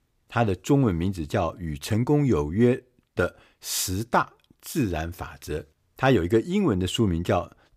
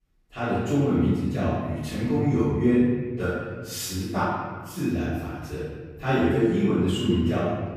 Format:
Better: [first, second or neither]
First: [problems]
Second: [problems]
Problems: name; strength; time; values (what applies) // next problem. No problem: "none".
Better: first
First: none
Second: room echo; strong; dies away in 1.6 s // off-mic speech; far